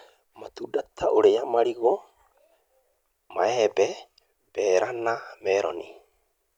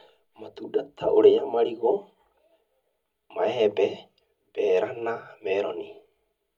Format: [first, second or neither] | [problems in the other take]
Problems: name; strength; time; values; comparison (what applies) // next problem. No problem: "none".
first | room echo; dies away in 0.4 s